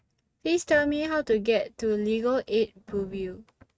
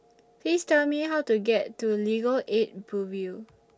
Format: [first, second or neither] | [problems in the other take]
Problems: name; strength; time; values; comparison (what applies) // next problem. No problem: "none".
second | noise reduction (neural mask model RNNoise)